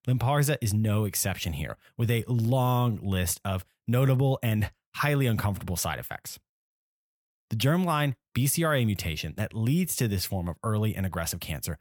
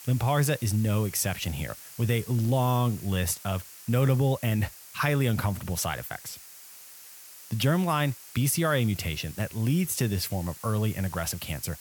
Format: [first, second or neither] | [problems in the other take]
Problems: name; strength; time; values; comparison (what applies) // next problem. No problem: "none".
first | hiss; noticeable; throughout; 15 dB below the speech